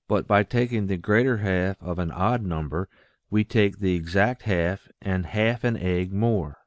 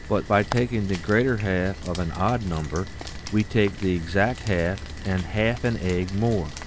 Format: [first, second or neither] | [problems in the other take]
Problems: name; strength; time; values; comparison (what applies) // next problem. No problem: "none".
first | background sound (Rain); 11 dB below the speech